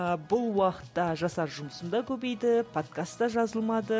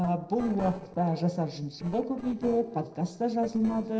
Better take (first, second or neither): first